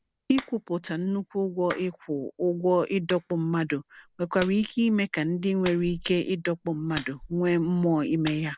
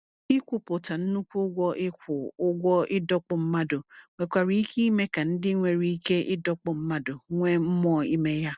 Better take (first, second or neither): second